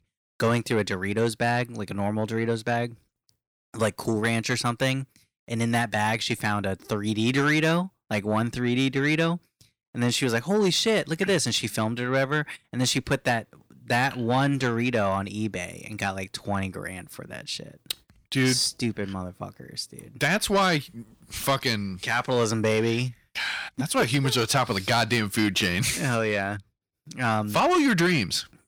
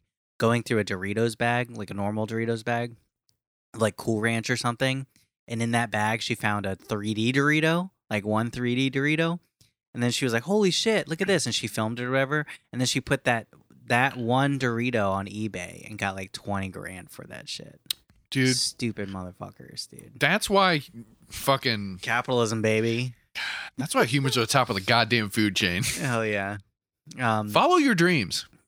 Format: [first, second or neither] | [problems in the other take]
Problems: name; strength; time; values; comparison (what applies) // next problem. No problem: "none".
second | distortion; slight; 10 dB below the speech